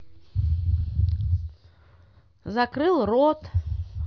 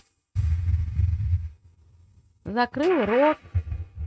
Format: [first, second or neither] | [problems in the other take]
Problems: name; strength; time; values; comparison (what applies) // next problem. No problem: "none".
first | noise reduction (neural mask model RNNoise)